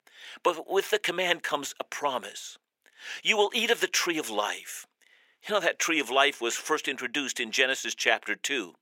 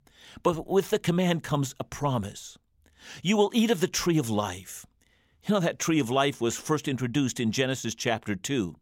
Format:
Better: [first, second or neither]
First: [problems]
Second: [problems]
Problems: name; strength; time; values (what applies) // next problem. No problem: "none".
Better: second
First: thin; very; fading below 400 Hz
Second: none